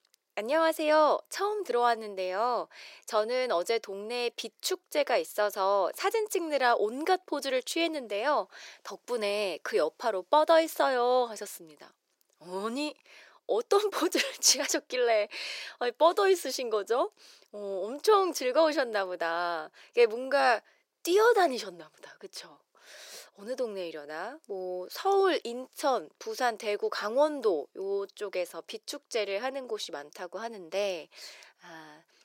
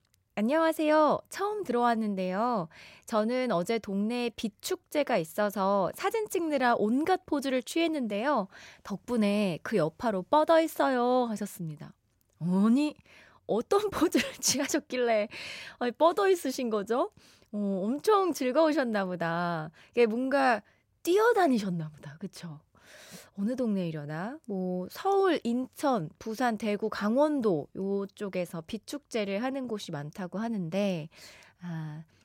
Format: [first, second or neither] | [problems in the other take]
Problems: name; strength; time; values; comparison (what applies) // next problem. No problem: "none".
second | thin; somewhat; fading below 400 Hz